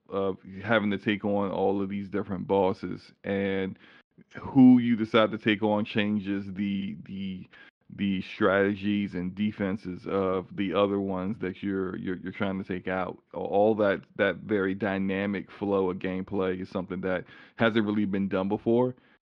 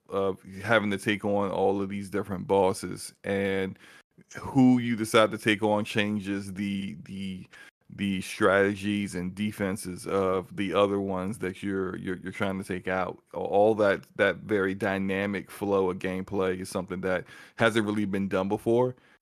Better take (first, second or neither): second